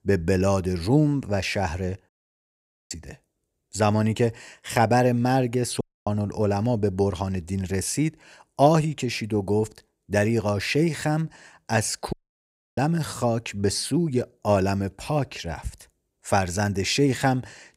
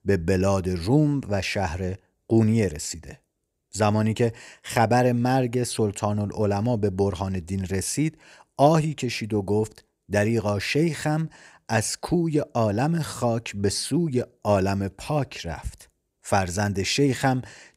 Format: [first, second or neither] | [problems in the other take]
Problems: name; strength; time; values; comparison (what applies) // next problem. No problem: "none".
second | audio cutting out; at 2 s for 1 s, at 6 s and at 12 s for 0.5 s